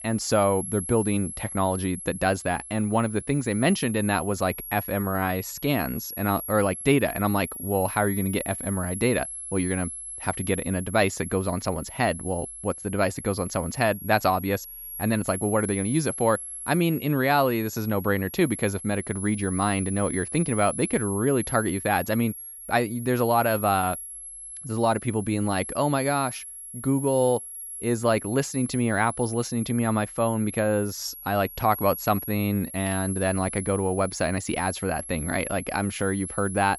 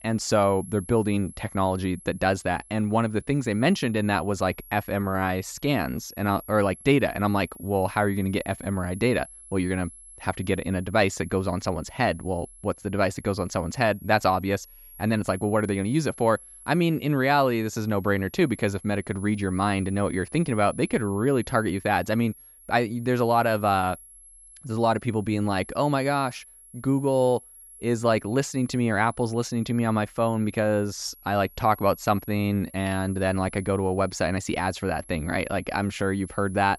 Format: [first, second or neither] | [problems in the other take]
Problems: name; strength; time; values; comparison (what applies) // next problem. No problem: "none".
second | high-pitched whine; loud; throughout; 11.5 kHz, 9 dB below the speech; faint in the second